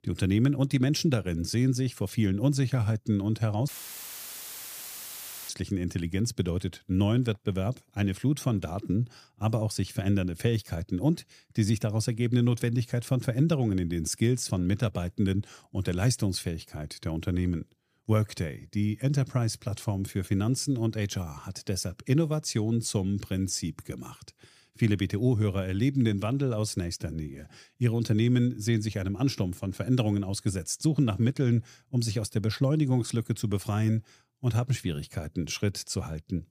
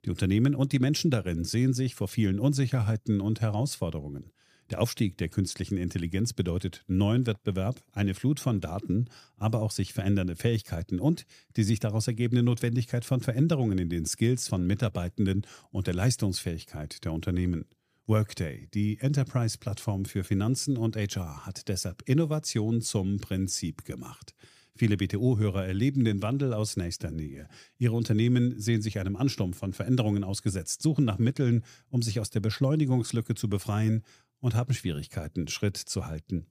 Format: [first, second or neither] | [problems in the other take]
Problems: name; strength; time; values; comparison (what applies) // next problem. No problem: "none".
second | audio cutting out; filled with static; at 3.5 s for 2 s